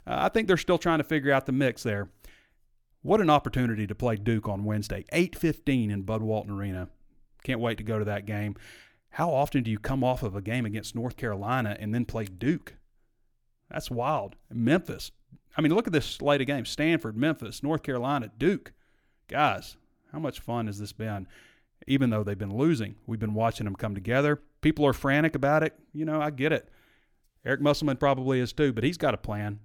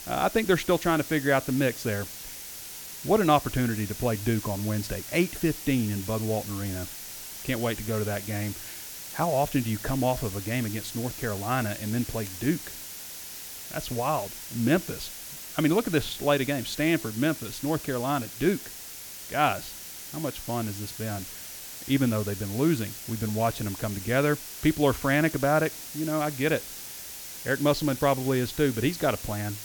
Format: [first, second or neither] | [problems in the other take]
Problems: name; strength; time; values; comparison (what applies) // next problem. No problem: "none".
first | hiss; loud; throughout; 10 dB below the speech